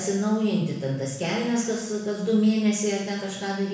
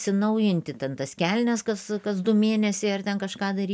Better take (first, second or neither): second